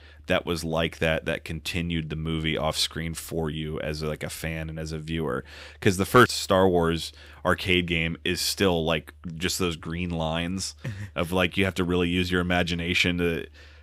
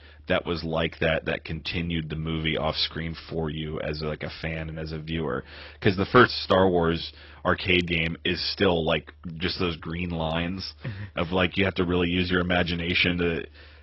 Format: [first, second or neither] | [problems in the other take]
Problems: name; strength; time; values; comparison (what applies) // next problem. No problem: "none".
first | garbled, watery; badly; nothing above 5.5 kHz